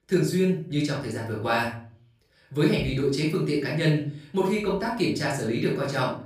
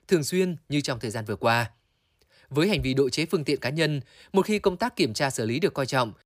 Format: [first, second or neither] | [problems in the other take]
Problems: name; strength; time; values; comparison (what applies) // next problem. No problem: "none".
second | off-mic speech; far // room echo; noticeable; dies away in 0.4 s